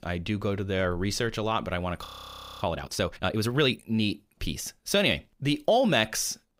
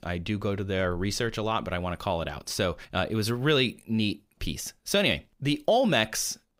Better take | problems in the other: second | audio freezing; at 2 s for 0.5 s

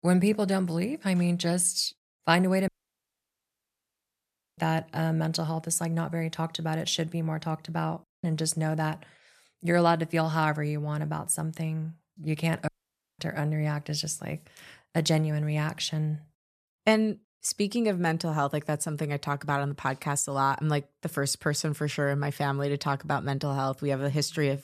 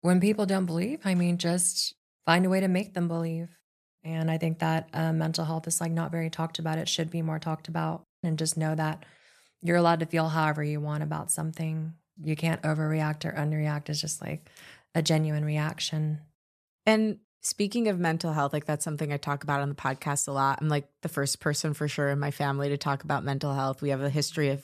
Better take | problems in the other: second | audio cutting out; at 2.5 s for 2 s and at 13 s for 0.5 s

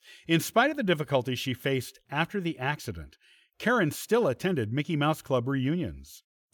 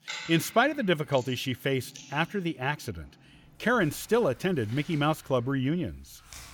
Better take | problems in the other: first | household noises; noticeable; throughout; 20 dB below the speech

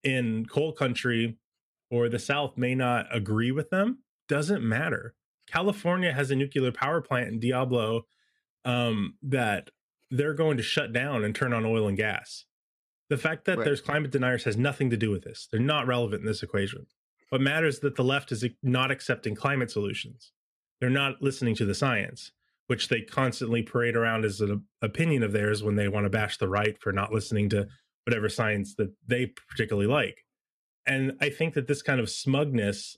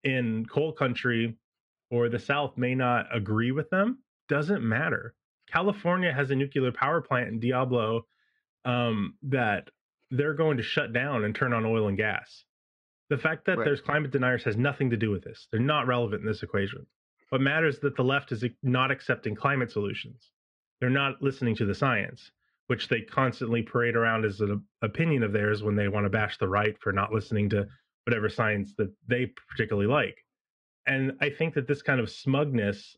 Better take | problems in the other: first | muffled; slightly; fading above 3 kHz

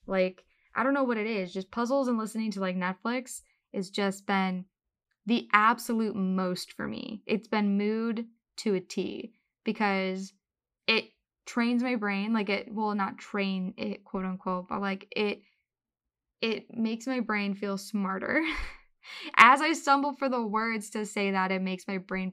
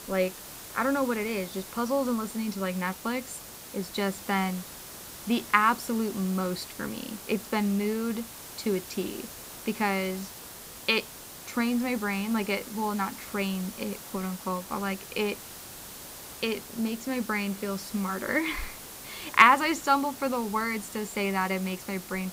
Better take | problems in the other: first | hiss; noticeable; throughout; 10 dB below the speech

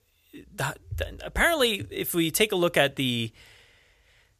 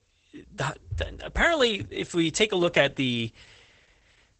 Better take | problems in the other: first | garbled, watery; badly; nothing above 8 kHz

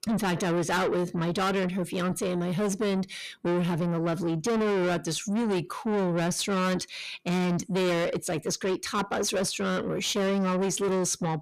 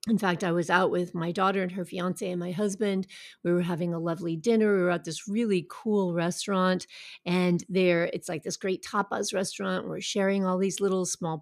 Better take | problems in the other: second | distortion; heavy; 7 dB below the speech

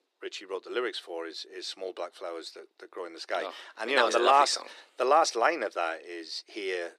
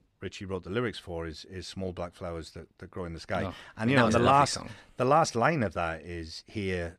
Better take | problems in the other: second | thin; very; fading below 350 Hz

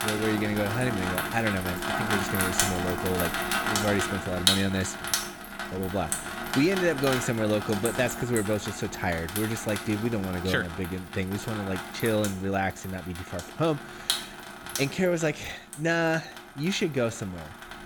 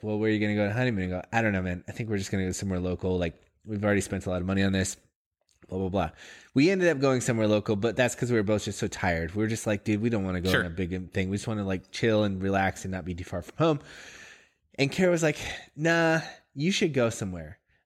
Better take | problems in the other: second | household noises; loud; throughout; 2 dB below the speech

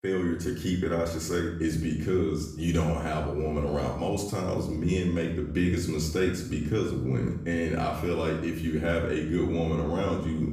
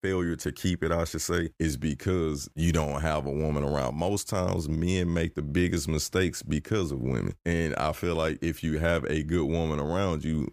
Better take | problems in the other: second | off-mic speech; far // room echo; noticeable; dies away in 0.6 s

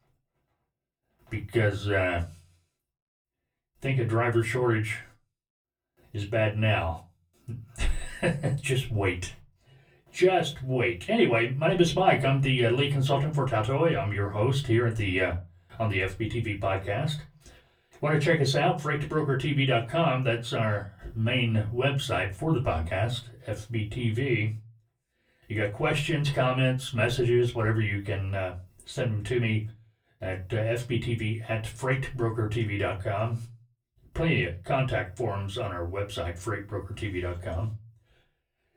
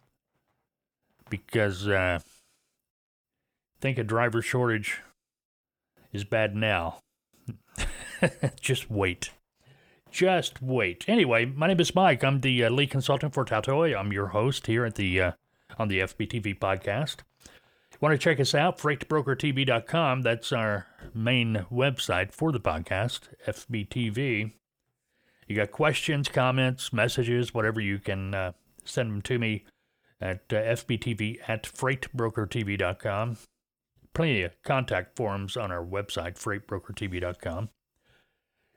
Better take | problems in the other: second | off-mic speech; far // room echo; very slight; dies away in 0.3 s

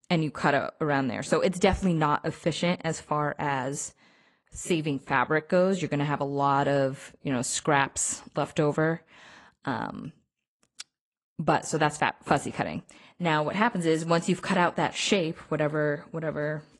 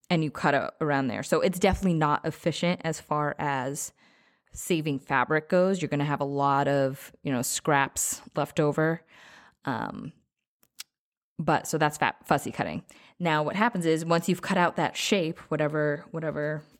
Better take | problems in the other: second | garbled, watery; slightly

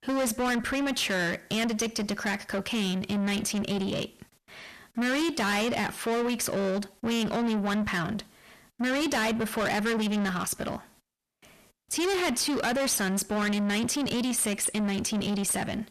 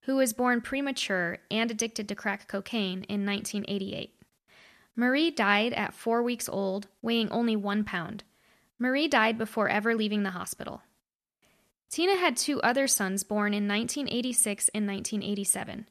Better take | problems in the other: second | distortion; heavy; 5 dB below the speech

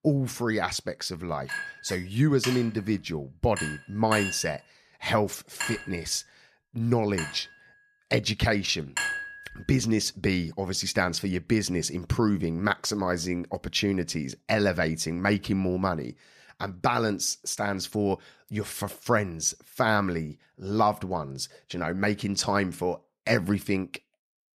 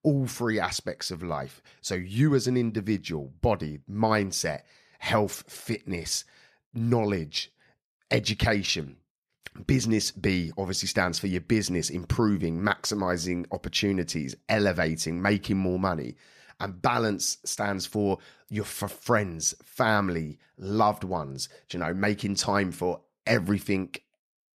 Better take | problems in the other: second | clattering dishes; noticeable; from 1.5 to 9.5 s; peak 1 dB below the speech

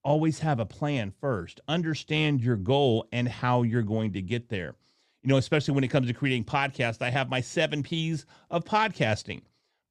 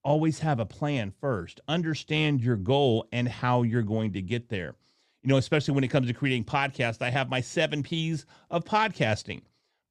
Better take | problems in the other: neither | none

